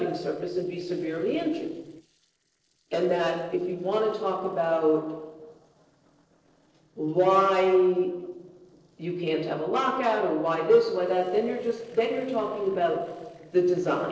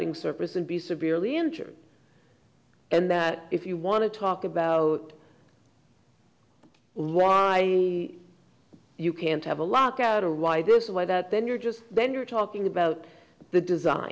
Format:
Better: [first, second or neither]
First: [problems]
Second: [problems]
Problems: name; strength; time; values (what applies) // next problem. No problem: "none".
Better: second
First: noise reduction (neural separator model SepFormer DNS4)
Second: none